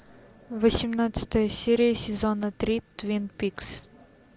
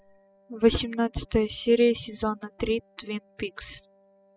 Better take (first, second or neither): first